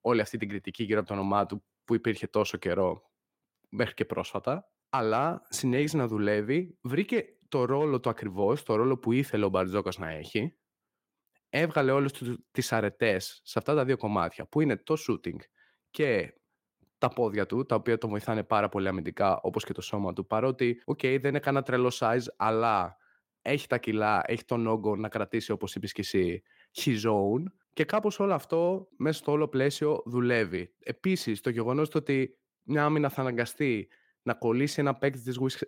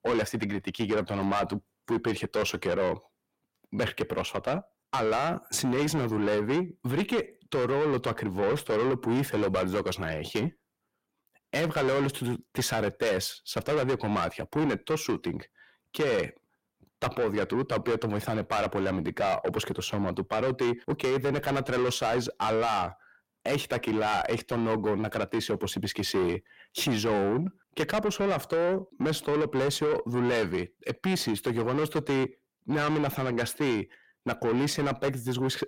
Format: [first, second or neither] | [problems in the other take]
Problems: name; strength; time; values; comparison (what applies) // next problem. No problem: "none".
first | distortion; heavy; 6 dB below the speech